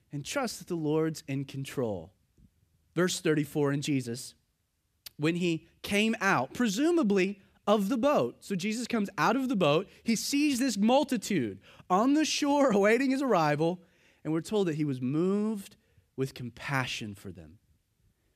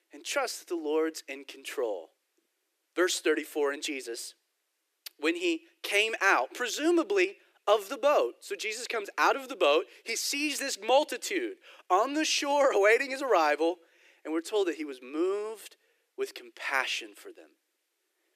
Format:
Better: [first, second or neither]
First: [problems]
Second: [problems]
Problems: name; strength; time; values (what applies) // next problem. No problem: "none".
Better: first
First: none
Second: thin; very; fading below 350 Hz